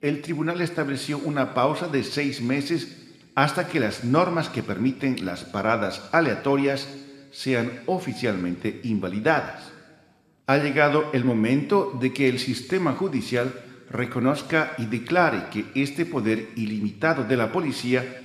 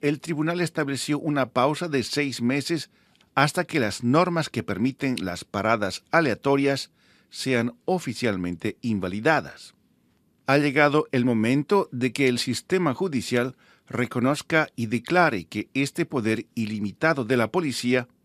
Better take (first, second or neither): second